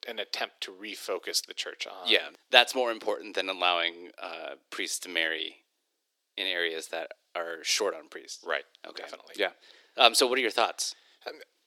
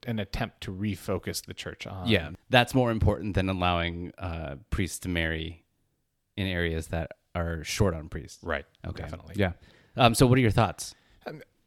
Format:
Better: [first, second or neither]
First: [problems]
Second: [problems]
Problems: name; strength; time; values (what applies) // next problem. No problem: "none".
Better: second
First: thin; very; fading below 350 Hz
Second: none